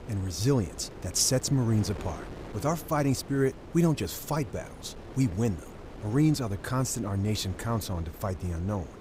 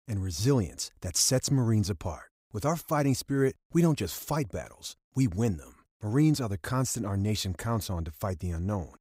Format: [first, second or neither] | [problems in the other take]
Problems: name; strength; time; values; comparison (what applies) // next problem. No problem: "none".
second | wind noise on the microphone; occasional gusts; 15 dB below the speech